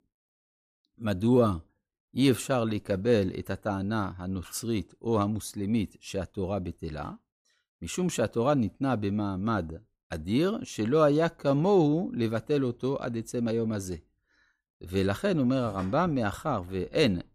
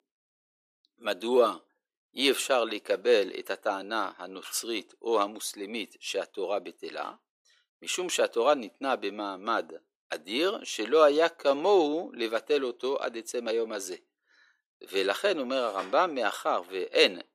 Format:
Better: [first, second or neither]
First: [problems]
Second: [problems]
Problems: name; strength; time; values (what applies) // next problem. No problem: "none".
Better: first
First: none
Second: thin; very; fading below 350 Hz